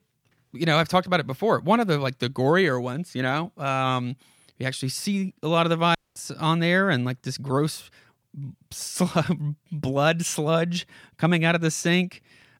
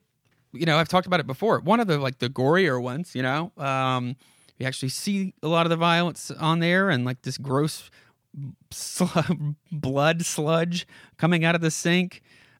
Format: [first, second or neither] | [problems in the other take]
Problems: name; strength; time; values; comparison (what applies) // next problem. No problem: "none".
second | audio cutting out; at 6 s